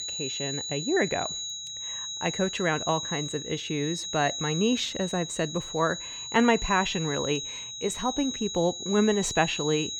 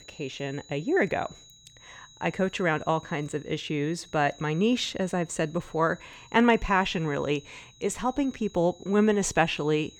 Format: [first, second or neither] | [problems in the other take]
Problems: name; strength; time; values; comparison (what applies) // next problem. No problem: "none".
second | high-pitched whine; loud; throughout; 4 kHz, 5 dB below the speech; faint in the second